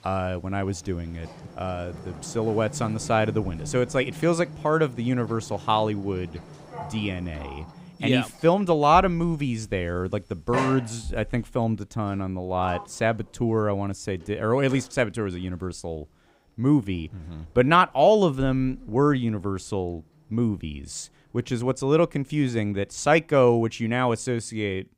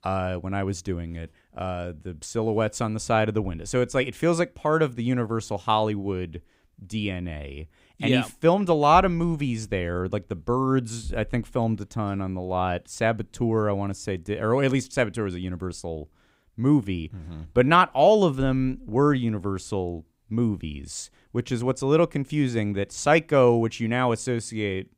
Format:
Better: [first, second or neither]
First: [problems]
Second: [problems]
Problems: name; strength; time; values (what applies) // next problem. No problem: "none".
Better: second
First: household noises; noticeable; throughout; 15 dB below the speech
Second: none